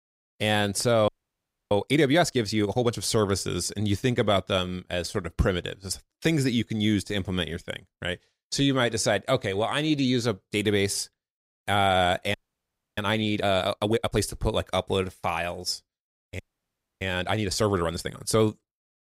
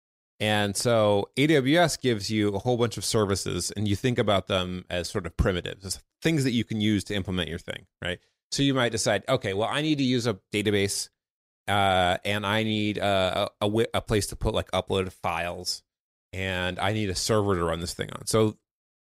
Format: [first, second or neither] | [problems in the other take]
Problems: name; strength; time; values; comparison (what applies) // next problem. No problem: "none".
second | audio freezing; at 1 s for 0.5 s, at 12 s for 0.5 s and at 16 s for 0.5 s